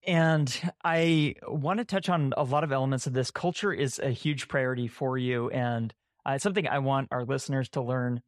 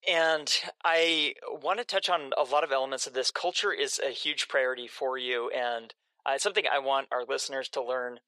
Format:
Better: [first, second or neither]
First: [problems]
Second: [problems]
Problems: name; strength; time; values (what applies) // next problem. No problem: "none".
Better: first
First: none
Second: thin; very; fading below 450 Hz